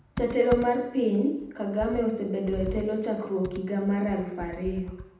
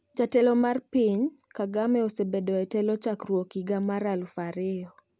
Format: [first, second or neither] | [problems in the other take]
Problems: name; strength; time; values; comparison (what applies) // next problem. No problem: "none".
second | background sound (Computer keyboard); 13 dB below the speech // room echo; dies away in 0.8 s